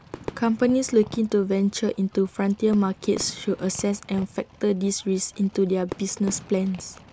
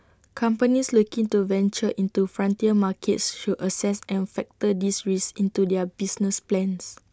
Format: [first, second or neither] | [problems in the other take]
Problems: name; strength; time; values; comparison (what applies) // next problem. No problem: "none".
second | background sound (Fireworks); 18 dB below the speech